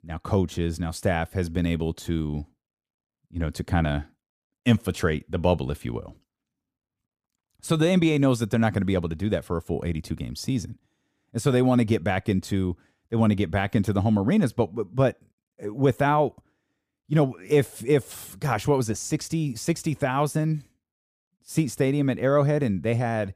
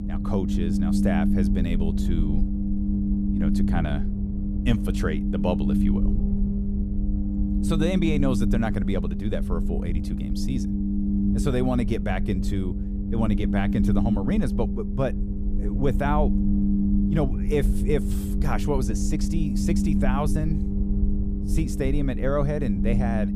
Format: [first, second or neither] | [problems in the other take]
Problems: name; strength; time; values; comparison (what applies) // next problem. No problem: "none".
first | low rumble; loud; throughout; 3 dB below the speech